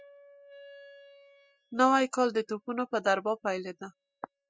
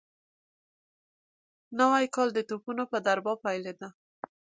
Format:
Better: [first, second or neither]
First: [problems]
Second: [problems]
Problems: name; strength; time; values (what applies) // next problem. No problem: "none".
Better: second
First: noise reduction (classical method spectral subtraction)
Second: none